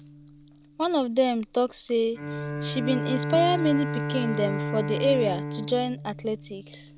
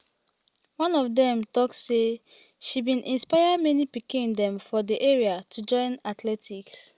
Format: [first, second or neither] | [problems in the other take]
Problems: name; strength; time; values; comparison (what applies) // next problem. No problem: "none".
second | background sound (Bowed string instrument); 6 dB below the speech